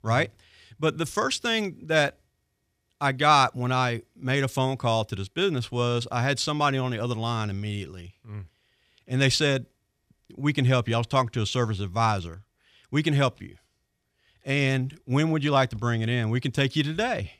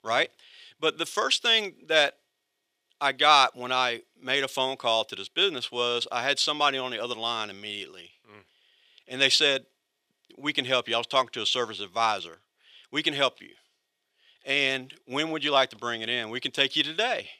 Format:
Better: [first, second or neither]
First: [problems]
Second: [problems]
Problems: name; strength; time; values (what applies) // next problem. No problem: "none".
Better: first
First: none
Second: thin; somewhat; fading below 450 Hz